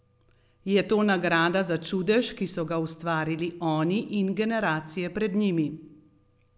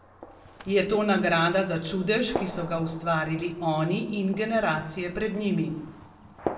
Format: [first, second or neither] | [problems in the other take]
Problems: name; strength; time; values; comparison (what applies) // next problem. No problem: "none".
first | background sound (Gunshot, gunfire); 14 dB below the speech // room echo; dies away in 0.6 s